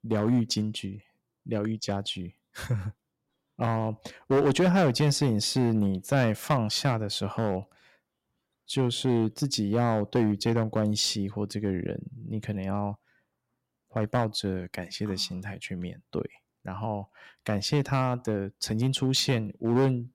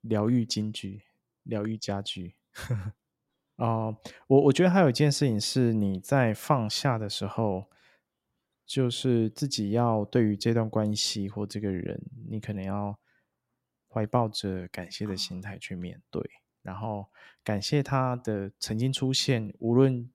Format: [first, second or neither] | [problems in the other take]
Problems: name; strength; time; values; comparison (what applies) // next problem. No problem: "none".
second | distortion; slight; 3% of the sound clipped